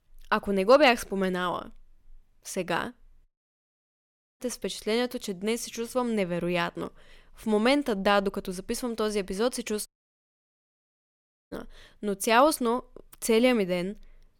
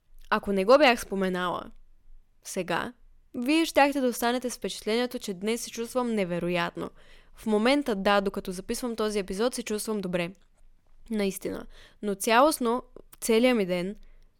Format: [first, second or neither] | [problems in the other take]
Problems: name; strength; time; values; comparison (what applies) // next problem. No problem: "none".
second | audio cutting out; at 3.5 s for 1 s and at 10 s for 1.5 s